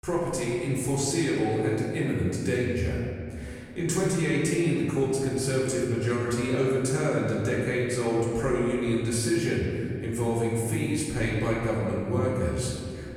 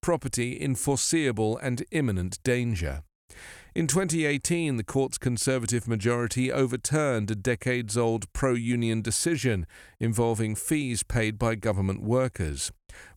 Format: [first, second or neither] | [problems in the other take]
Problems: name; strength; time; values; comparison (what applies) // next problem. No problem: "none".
second | off-mic speech; far // room echo; noticeable; dies away in 2.2 s